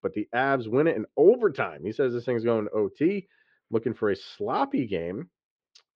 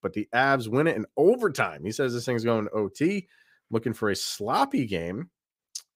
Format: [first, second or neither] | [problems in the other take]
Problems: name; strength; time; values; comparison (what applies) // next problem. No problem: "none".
second | muffled; slightly; fading above 3.5 kHz